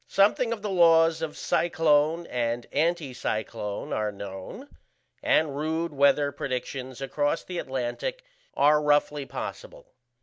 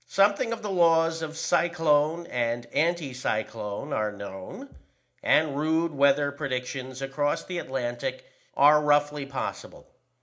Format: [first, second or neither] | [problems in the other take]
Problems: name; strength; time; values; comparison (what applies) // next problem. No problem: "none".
first | room echo; dies away in 0.4 s